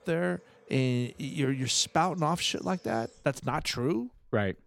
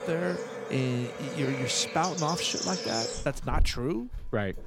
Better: first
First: animal sounds; faint; throughout; 25 dB below the speech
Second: animal sounds; loud; throughout; 3 dB below the speech

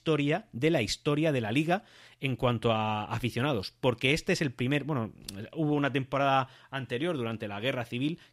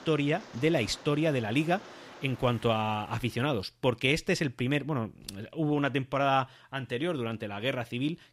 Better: first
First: none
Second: rain or running water; noticeable; until 3 s; 20 dB below the speech

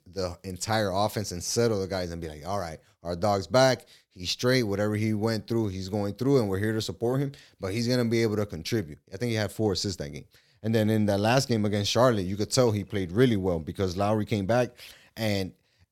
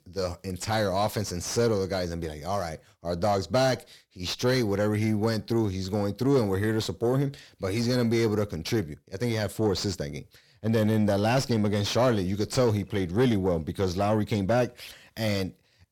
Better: first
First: none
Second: distortion; slight; 10 dB below the speech

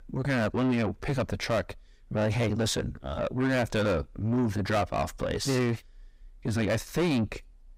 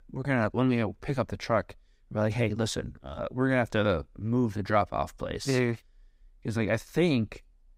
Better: second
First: distortion; heavy; 7 dB below the speech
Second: none

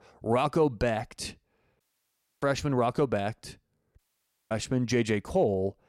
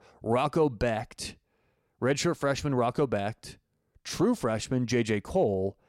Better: second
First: audio cutting out; at 2 s for 0.5 s and at 4 s for 0.5 s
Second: none

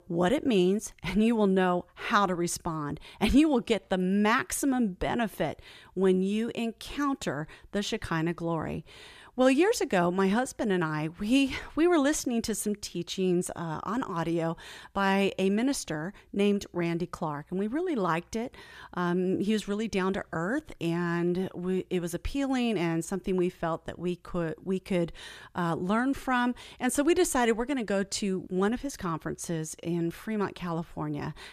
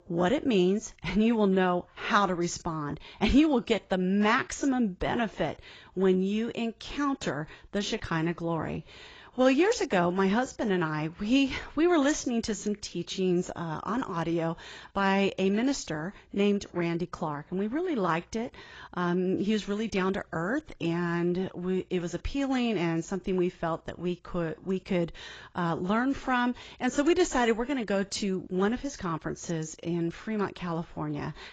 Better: first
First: none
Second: garbled, watery; badly; nothing above 7.5 kHz

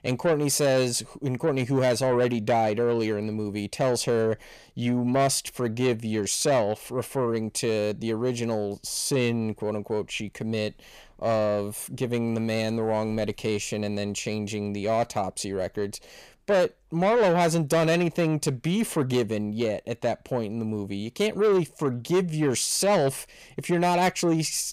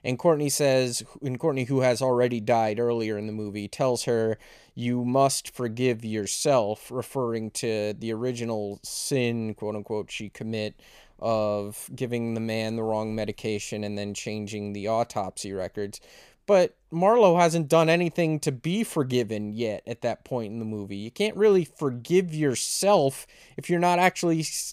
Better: second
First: distortion; slight; 10 dB below the speech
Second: none

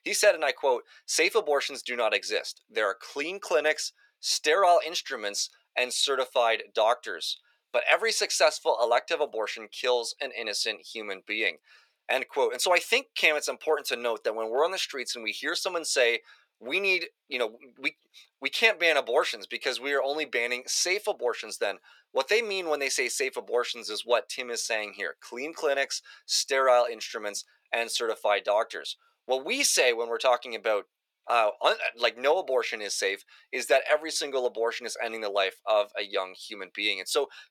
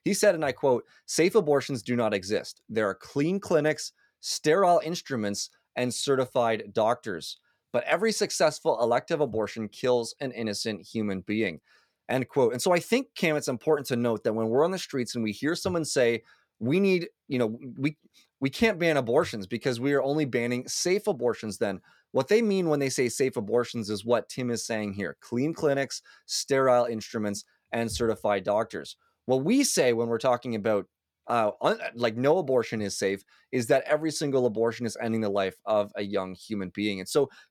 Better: second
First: thin; very; fading below 500 Hz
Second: none

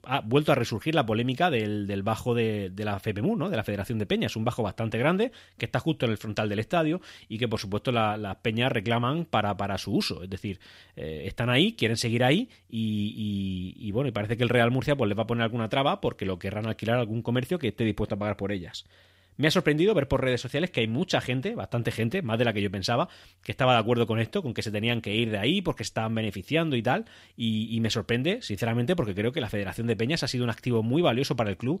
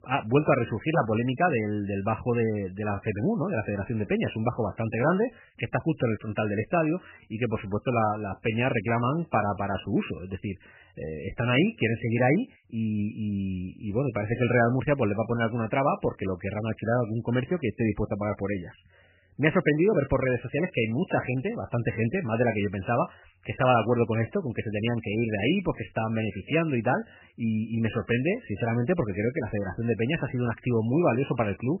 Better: first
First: none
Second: garbled, watery; badly; nothing above 3 kHz

